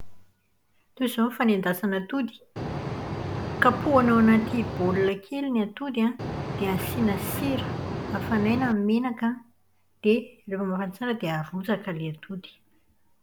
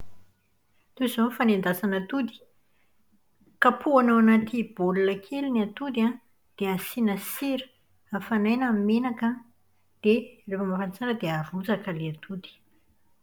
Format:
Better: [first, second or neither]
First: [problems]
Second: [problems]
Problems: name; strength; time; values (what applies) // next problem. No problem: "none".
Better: second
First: background sound (Boat, Water vehicle); 4 dB below the speech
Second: none